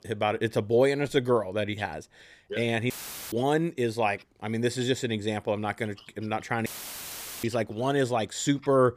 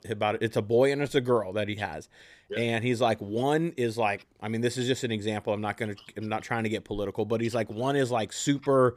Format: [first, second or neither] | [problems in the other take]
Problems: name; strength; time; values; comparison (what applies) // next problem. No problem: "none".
second | audio cutting out; filled with static; at 3 s and at 6.5 s for 1 s